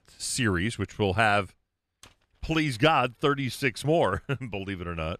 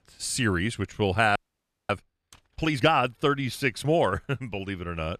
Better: first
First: none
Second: audio freezing; at 1.5 s for 0.5 s

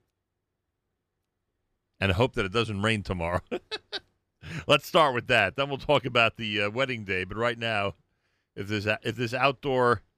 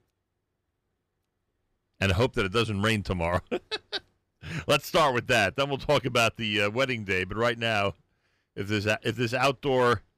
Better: first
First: none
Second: distortion; slight; 3% of the sound clipped

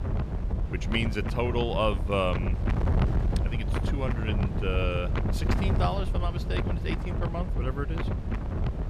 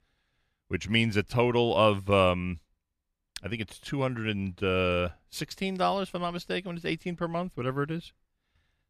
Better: second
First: wind noise on the microphone; heavy; 6 dB below the speech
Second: none

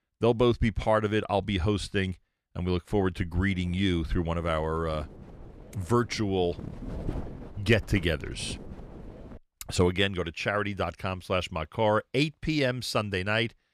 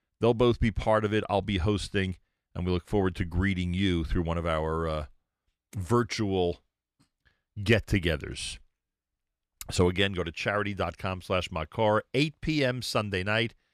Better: second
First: wind noise on the microphone; occasional gusts; from 3.5 to 9.5 s; 20 dB below the speech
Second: none

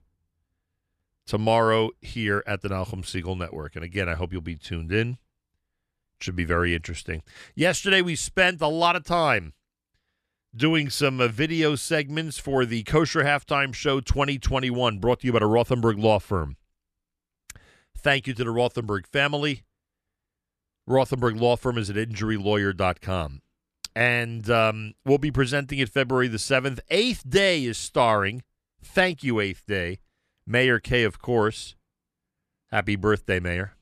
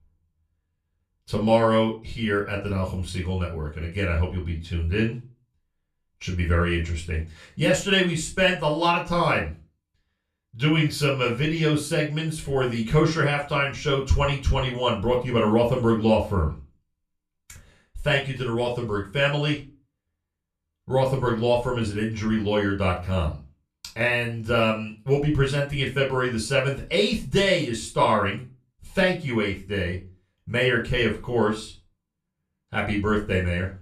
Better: first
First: none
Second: off-mic speech; far // room echo; slight; dies away in 0.3 s

